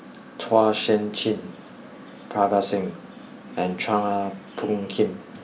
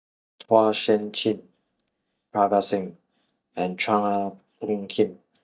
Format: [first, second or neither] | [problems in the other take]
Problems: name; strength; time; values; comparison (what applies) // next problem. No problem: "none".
first | noise reduction (neural mask model DeepFilterNet 3)